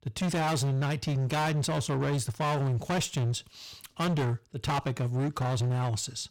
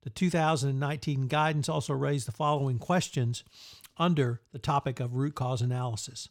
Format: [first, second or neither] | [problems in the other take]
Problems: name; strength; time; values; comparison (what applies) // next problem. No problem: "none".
second | distortion; heavy; 28% of the sound clipped